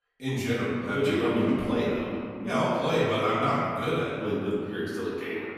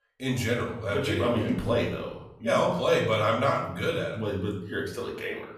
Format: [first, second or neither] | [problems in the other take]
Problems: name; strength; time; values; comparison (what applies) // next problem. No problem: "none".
second | room echo; strong; dies away in 2.3 s; slight in the second // off-mic speech; far; far in the second